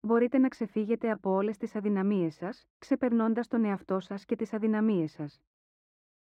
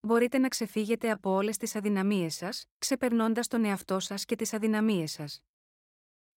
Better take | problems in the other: second | muffled; very; fading above 4 kHz

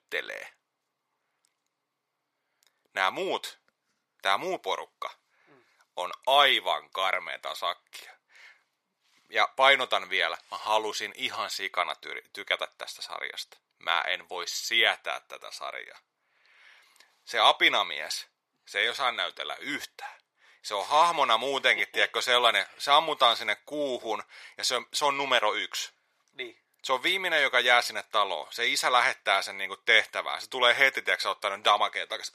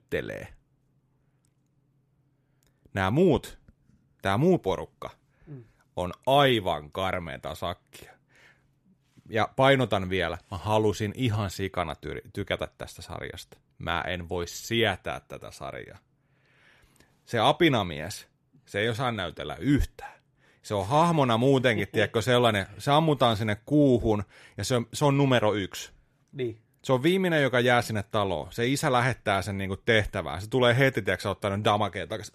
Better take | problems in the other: second | thin; very; fading below 800 Hz

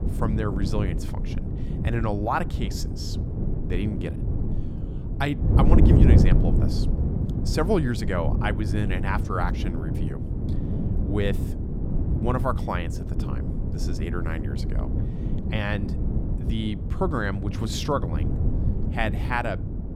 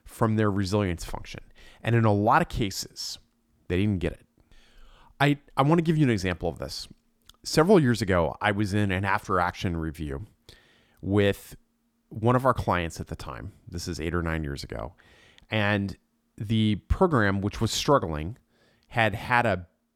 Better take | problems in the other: second | wind noise on the microphone; heavy; 6 dB below the speech

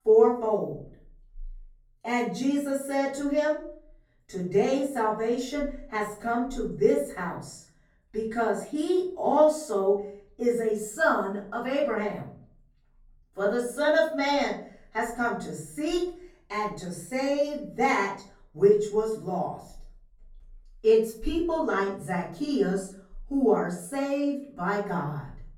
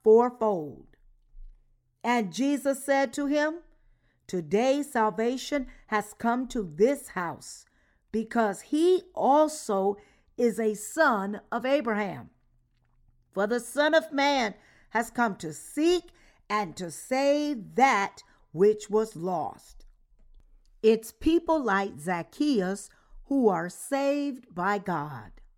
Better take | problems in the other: second | off-mic speech; far // room echo; noticeable; dies away in 0.4 s

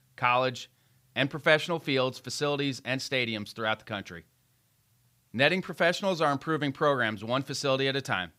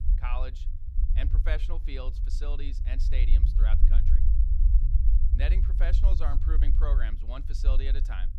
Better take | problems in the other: first | low rumble; loud; throughout; 7 dB below the speech

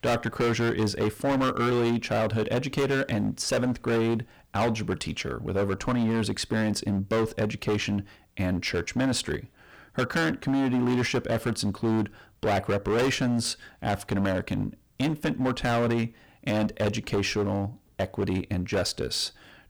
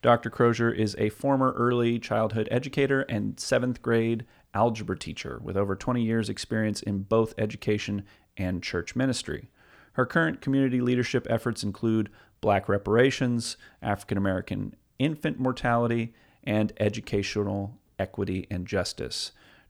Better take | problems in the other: second | distortion; heavy; 16% of the sound clipped

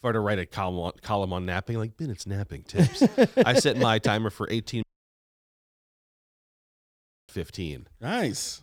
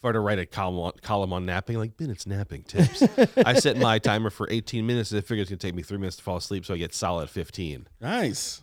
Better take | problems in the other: second | audio cutting out; at 5 s for 2.5 s

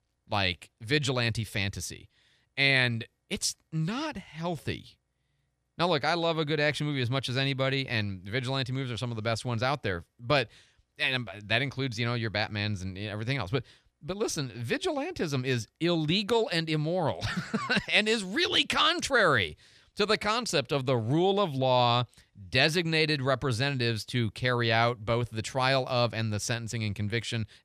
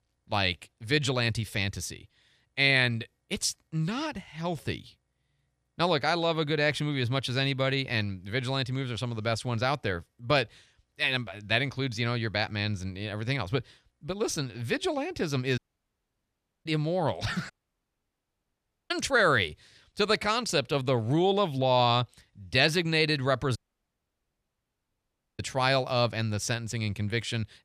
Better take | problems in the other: first | audio cutting out; at 16 s for 1 s, at 18 s for 1.5 s and at 24 s for 2 s

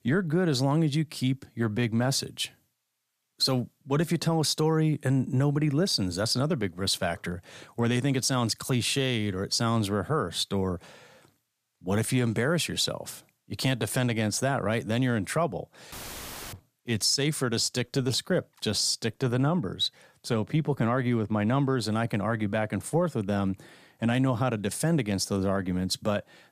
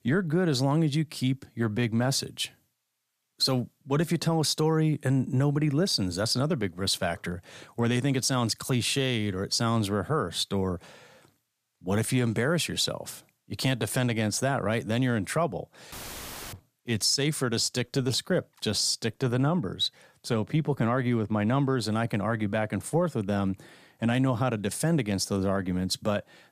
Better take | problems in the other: neither | audio cutting out; filled with static; at 16 s for 0.5 s; the same in both

